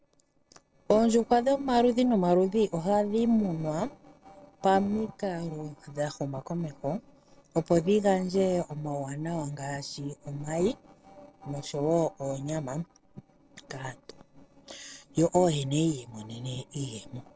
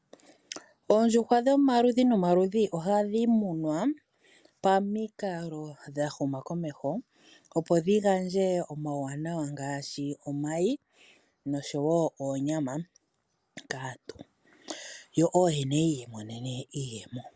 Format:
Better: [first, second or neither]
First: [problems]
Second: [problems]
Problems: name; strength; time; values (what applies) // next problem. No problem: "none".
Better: second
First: noise reduction (neural separator model SepFormer DNS4)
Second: none